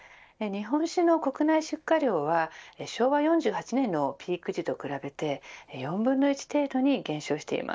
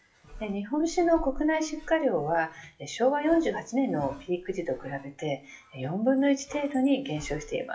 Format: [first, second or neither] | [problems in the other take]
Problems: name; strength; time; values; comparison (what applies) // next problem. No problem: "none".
first | noise reduction (classical method WPE with log-MMSE)